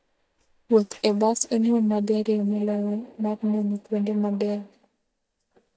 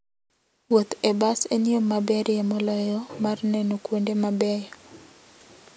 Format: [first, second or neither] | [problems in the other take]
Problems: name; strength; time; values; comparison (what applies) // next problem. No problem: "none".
second | noise reduction (neural mask model DeepFilterNet 3)